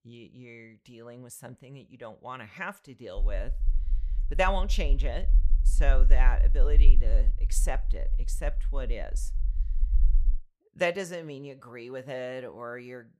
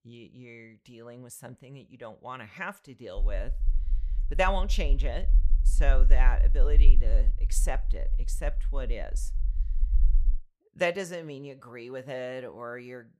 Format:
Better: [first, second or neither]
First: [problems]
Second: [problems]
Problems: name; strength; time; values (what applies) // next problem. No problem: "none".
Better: neither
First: low rumble; noticeable; from 3 to 10 s; 20 dB below the speech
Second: low rumble; noticeable; from 3 to 10 s; 20 dB below the speech